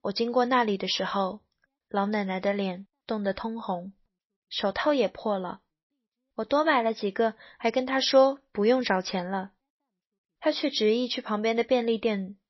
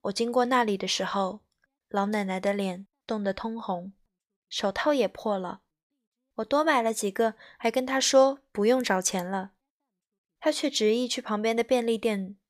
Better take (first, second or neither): second